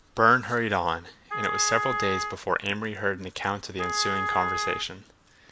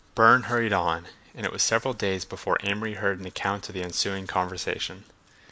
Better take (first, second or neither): second